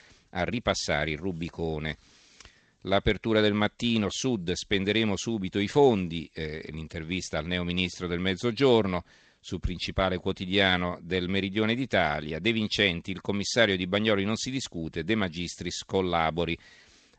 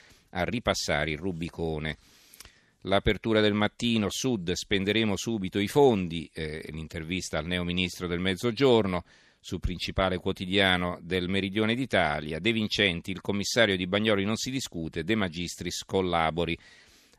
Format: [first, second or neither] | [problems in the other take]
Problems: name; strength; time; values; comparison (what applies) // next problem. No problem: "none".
second | garbled, watery; slightly; nothing above 7.5 kHz